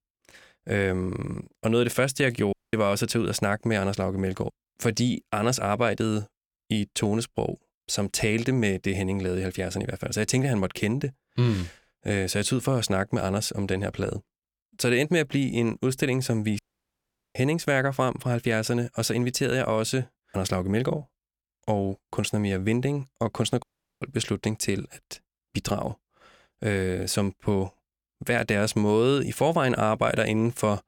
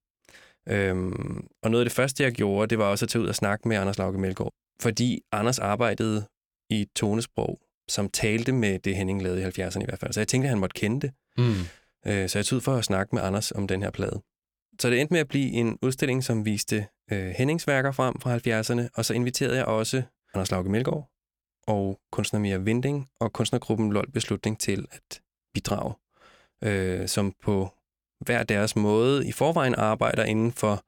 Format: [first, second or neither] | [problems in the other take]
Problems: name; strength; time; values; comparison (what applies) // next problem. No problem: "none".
second | audio cutting out; at 2.5 s, at 17 s for 1 s and at 24 s